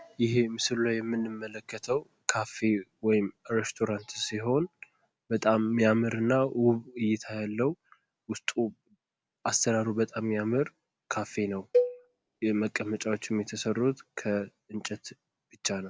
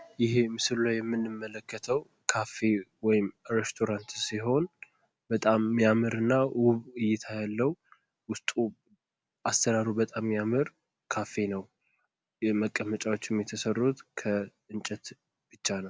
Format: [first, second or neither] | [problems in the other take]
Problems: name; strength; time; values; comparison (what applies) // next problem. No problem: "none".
second | background sound (Cowbell); 3 dB below the speech